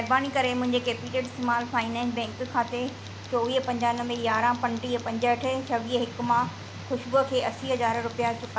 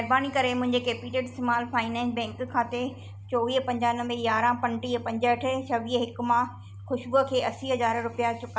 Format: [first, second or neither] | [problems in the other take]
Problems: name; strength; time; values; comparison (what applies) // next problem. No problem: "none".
second | background sound (Tick); 15 dB below the speech